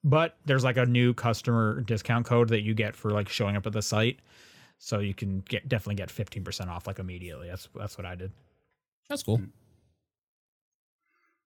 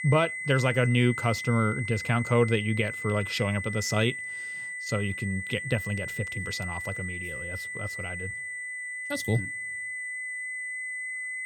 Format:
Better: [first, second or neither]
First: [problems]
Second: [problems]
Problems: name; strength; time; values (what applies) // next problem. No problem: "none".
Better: first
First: none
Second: high-pitched whine; loud; throughout; 2 kHz, 5 dB below the speech